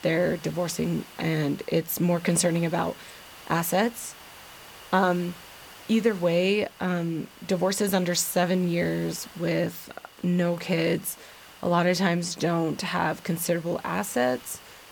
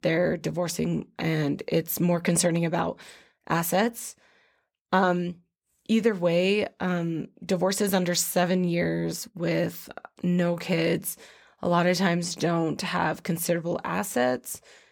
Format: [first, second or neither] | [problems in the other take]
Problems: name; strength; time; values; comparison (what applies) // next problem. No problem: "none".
second | hiss; noticeable; throughout; 20 dB below the speech